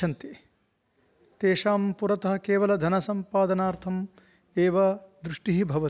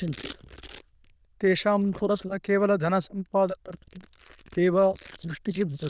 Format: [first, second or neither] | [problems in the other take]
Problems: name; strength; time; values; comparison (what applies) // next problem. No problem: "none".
first | noise reduction (neural diffusion model UNIVERSE++)